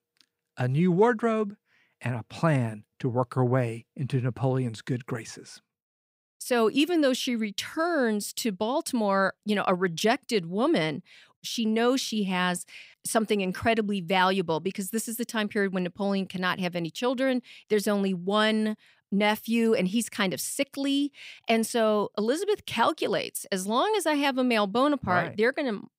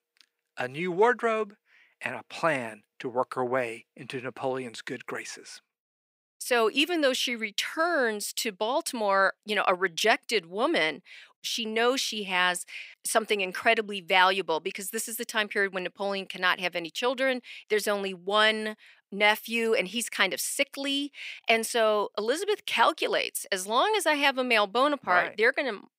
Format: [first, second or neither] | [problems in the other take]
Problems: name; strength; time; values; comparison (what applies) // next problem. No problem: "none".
first | thin; somewhat; fading below 400 Hz